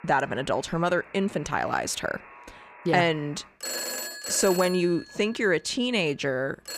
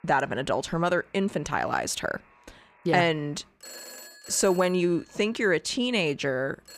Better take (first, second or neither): second